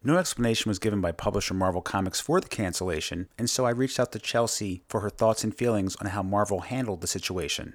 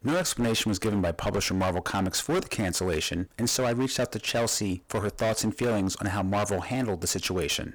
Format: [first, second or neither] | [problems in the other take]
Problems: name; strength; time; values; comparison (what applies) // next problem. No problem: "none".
first | distortion; heavy; 18% of the sound clipped